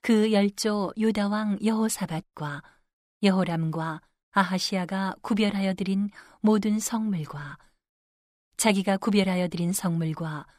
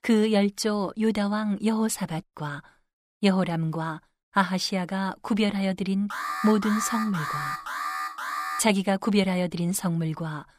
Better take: first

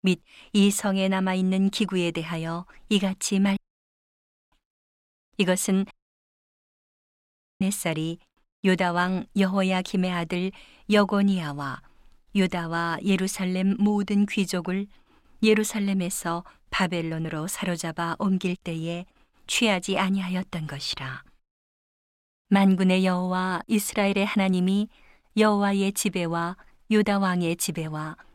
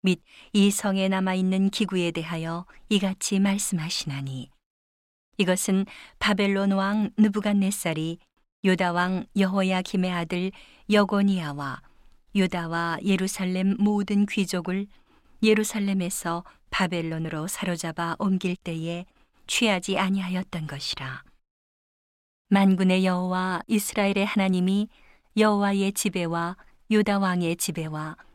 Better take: second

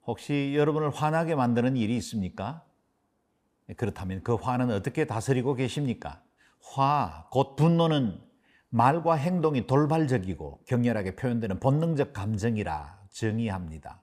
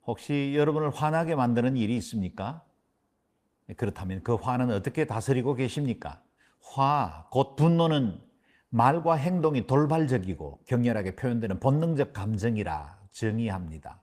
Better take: first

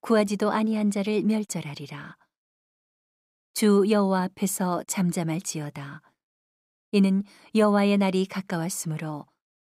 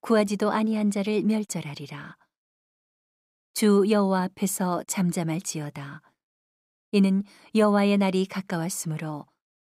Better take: neither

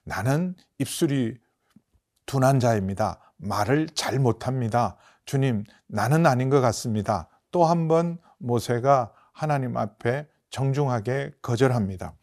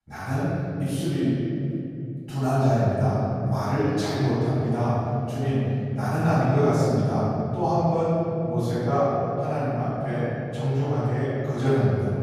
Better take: first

